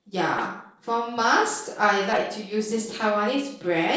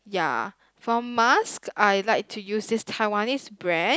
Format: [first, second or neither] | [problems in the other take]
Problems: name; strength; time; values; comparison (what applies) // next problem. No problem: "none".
second | noise reduction (neural separator model SepFormer DNS4)